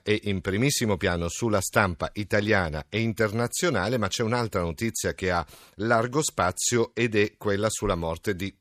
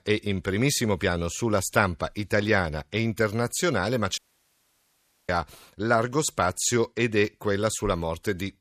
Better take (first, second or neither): first